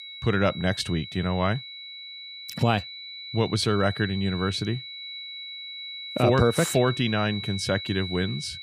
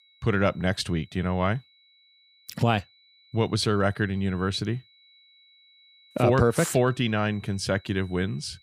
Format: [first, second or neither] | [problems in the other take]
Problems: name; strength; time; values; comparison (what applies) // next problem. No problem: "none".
second | high-pitched whine; loud; throughout; 4 kHz, 10 dB below the speech; faint in the second